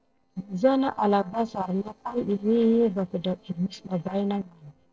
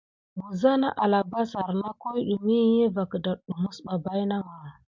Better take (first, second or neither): second